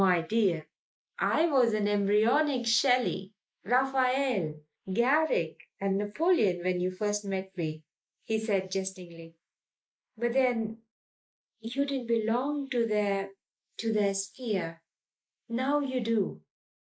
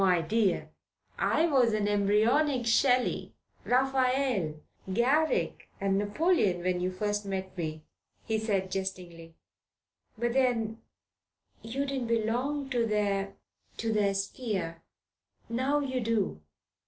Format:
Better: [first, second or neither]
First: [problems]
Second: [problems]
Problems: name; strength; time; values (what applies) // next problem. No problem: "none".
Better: second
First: noise reduction (neural mask model Resemble Enhance denoiser)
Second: none